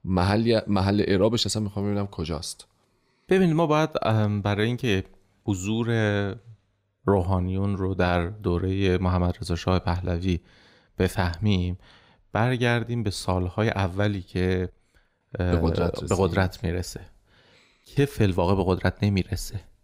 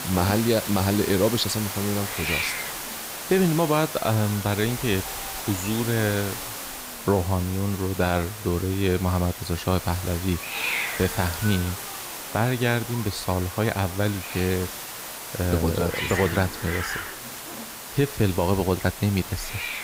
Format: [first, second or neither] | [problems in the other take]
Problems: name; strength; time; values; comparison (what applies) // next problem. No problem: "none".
first | hiss; loud; throughout; 6 dB below the speech